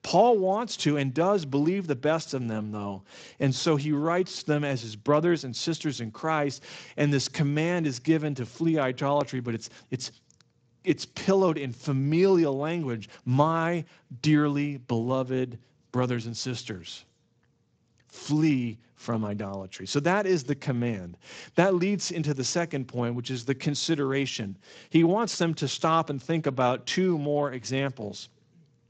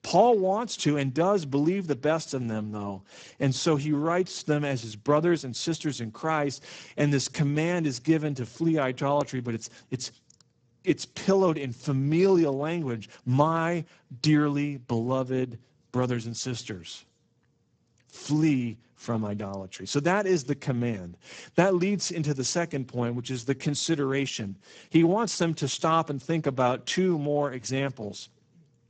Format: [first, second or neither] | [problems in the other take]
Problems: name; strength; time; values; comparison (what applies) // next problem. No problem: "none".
first | garbled, watery; badly; nothing above 8 kHz; slightly in the first